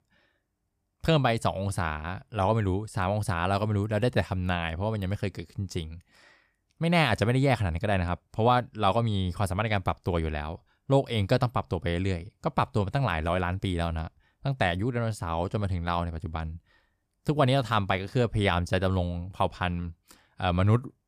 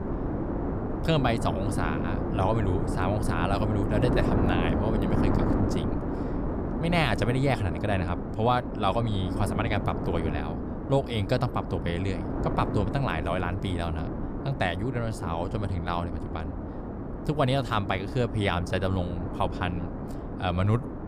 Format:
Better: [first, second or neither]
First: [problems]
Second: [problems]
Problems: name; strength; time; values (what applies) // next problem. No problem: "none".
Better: first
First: none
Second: wind noise on the microphone; heavy; 5 dB below the speech